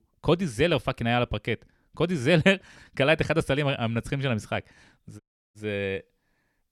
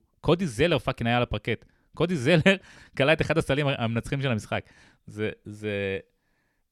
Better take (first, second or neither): second